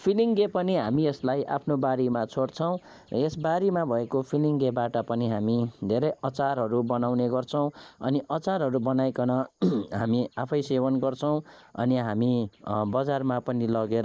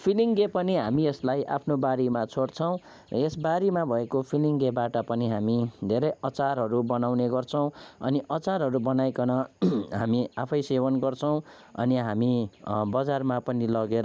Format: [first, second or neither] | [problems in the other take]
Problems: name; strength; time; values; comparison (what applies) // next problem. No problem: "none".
second | noise reduction (neural mask model Resemble Enhance denoiser)